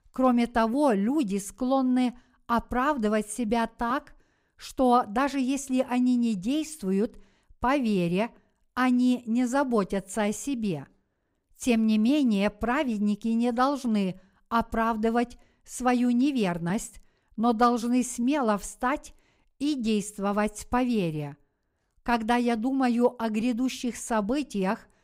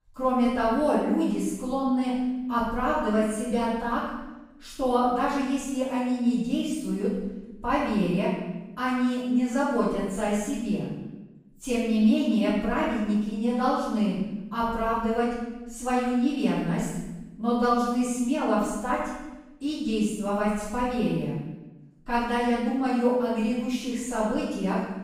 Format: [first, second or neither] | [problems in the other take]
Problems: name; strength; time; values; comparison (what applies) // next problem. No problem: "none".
first | off-mic speech; far // room echo; strong; dies away in 0.9 s